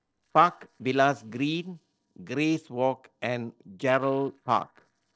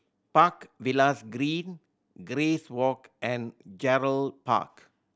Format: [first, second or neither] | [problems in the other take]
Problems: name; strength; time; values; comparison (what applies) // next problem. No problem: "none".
second | noise reduction (neural separator model SepFormer DNS4)